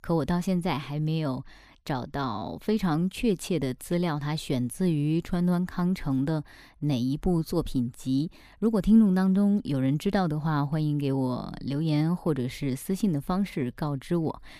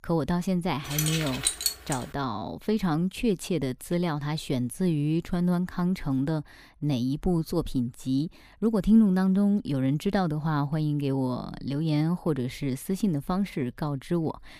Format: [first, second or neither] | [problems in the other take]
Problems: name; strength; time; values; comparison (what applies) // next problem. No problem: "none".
first | jangling keys; loud; from 1 to 2 s; peak 2 dB above the speech